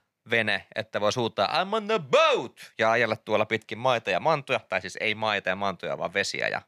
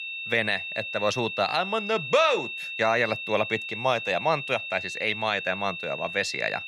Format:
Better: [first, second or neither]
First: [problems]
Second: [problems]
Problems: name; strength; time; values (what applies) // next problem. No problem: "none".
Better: first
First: none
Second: high-pitched whine; loud; throughout; 2.5 kHz, 6 dB below the speech